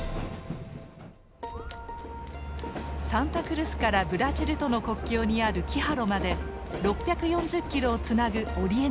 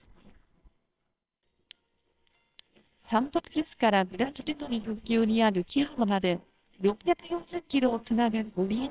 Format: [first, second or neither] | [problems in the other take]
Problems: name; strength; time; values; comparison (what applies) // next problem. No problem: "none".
first | noise reduction (neural separator model SepFormer WHAMR!)